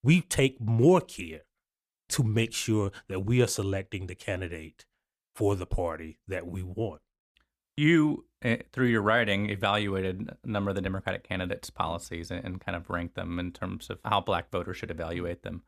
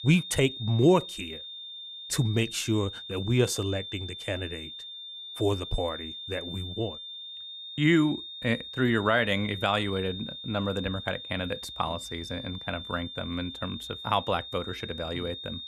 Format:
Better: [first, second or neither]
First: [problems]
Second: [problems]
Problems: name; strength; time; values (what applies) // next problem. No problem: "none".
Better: first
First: none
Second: high-pitched whine; loud; throughout; 3.5 kHz, 9 dB below the speech